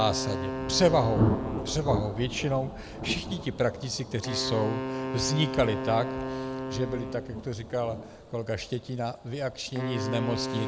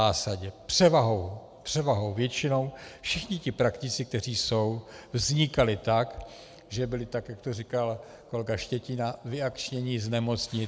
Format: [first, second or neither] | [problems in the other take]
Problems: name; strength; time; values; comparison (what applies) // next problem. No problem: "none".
second | background sound (Wind instrument, woodwind instrument + Thunder); 3 dB below the speech